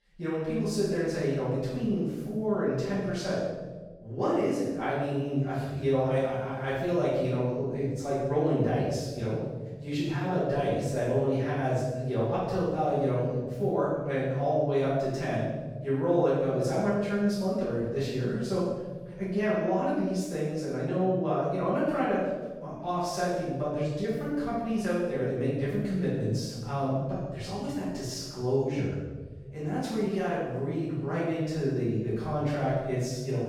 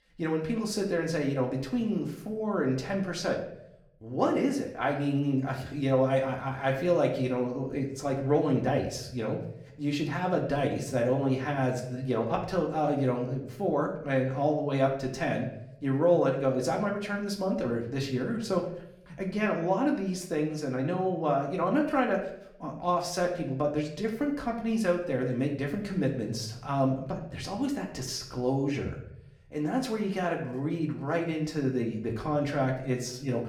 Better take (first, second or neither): second